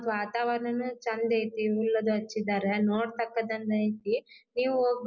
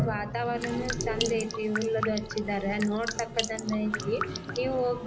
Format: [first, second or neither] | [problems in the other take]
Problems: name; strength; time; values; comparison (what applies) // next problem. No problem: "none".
first | background sound (Toilet flush + Drip); 4 dB below the speech